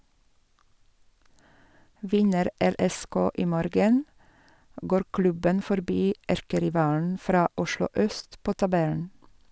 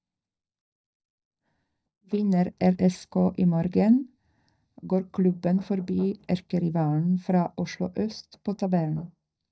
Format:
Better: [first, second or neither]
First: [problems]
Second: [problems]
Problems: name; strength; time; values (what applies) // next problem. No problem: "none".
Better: first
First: none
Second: noise reduction (neural mask model DeepFilterNet 3)